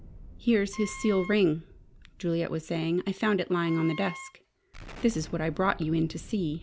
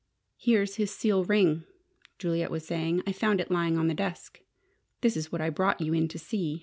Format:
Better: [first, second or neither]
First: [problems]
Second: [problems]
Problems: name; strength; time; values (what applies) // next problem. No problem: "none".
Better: second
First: background sound (Wind instrument, woodwind instrument + Explosion); 16 dB below the speech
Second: none